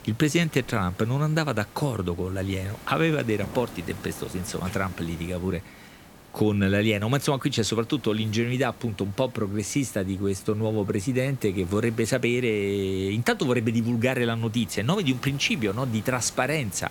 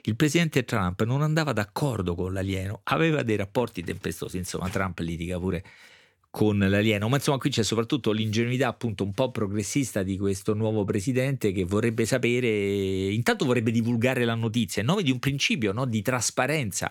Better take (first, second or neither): second